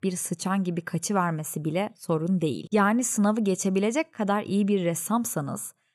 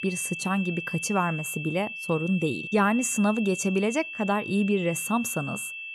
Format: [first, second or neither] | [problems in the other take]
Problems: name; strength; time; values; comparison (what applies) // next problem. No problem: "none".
first | high-pitched whine; loud; throughout; 2.5 kHz, 7 dB below the speech